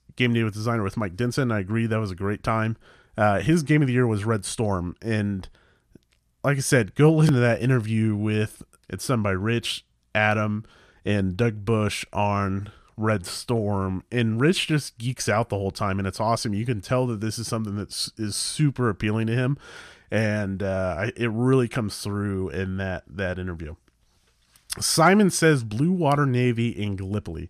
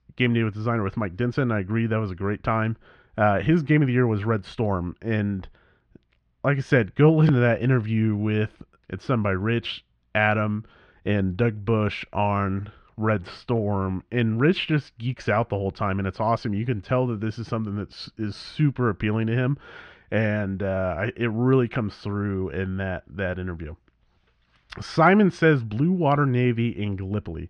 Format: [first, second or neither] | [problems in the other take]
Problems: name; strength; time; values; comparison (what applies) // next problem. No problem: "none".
first | muffled; slightly; fading above 3 kHz